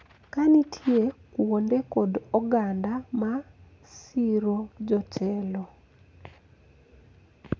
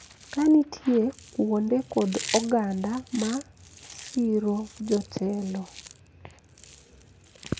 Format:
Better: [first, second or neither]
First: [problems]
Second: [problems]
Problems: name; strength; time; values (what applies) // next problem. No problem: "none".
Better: first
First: none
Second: background sound (Chewing, mastication); 15 dB below the speech